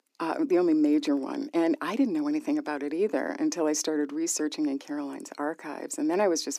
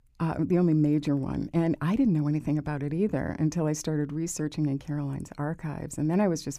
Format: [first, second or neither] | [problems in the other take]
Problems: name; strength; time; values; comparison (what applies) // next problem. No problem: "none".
second | thin; somewhat; fading below 300 Hz